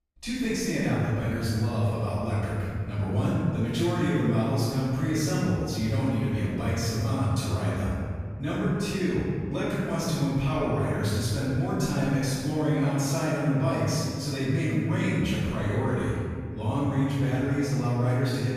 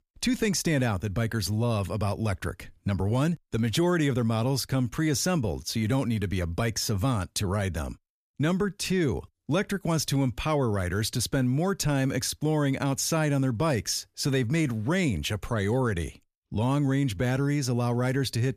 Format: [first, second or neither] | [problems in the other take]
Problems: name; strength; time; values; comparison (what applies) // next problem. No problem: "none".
second | room echo; strong; dies away in 2 s // off-mic speech; far